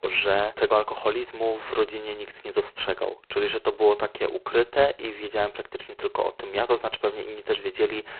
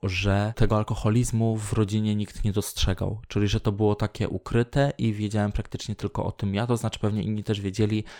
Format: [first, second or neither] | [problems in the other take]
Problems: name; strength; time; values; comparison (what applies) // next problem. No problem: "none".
second | phone-call audio; poor line; nothing above 4 kHz